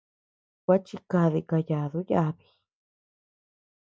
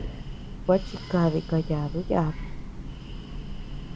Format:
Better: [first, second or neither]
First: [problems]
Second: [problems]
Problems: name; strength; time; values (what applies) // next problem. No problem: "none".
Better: first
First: none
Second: background sound (Breathing); 7 dB below the speech